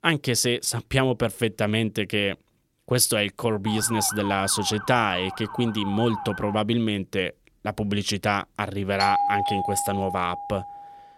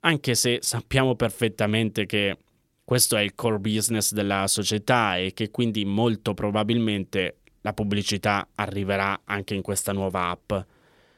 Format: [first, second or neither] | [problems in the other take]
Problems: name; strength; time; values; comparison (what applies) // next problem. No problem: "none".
second | siren; noticeable; from 3.5 to 6.5 s; peak 7 dB below the speech // doorbell; loud; from 9 s on; peak 2 dB above the speech